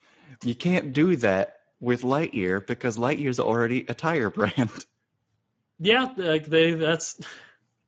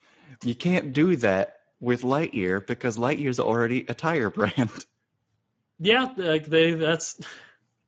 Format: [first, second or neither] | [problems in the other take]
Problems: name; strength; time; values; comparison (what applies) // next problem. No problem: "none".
neither | garbled, watery; badly; the same in both